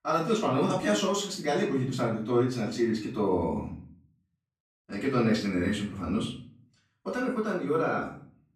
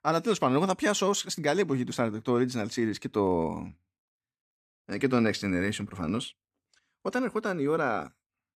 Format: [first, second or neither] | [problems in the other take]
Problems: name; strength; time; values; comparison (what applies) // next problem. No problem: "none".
second | off-mic speech; far // room echo; slight; dies away in 0.5 s